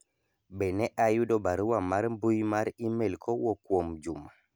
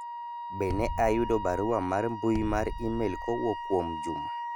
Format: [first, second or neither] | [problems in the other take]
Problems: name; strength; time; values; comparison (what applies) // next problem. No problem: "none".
first | background sound (Wind instrument, woodwind instrument + Bass drum); 5 dB below the speech